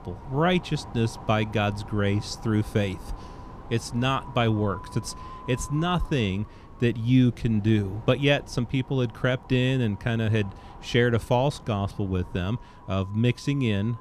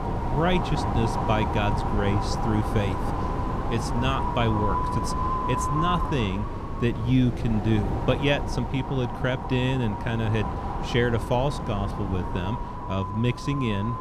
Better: first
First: wind noise on the microphone; occasional gusts; 15 dB below the speech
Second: wind noise on the microphone; heavy; as loud as the speech

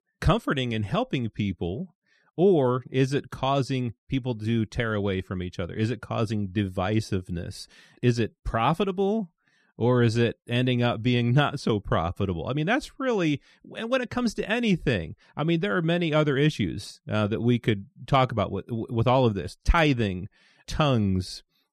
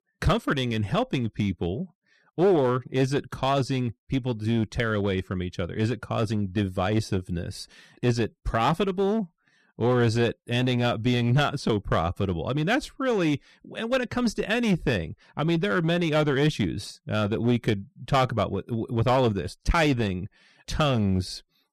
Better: first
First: none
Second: distortion; slight; 6% of the sound clipped

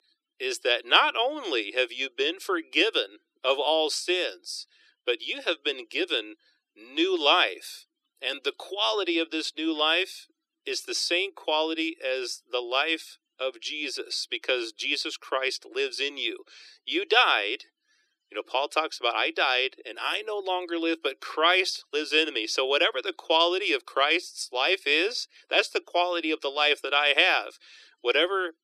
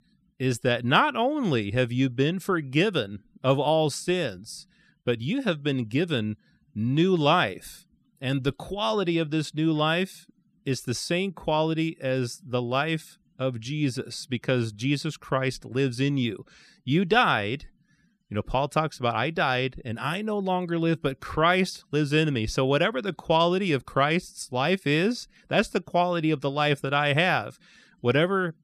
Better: second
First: thin; very; fading below 350 Hz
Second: none

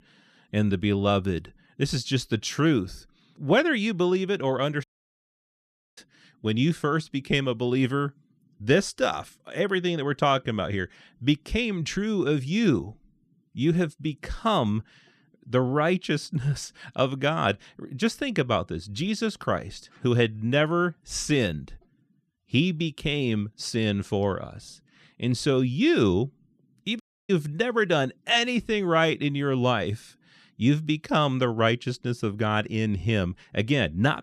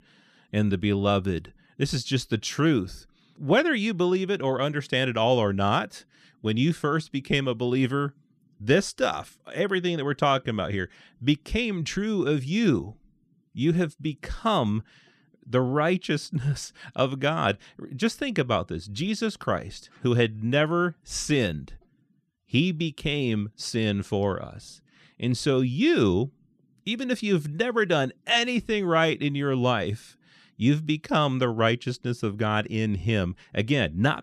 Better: second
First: audio cutting out; at 5 s for 1 s and at 27 s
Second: none

